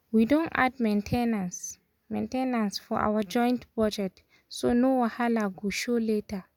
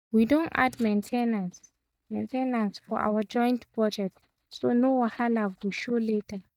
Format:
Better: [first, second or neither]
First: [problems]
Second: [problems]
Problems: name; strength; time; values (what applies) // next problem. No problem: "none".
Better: first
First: none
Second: noise reduction (neural mask model DeepFilterNet 3)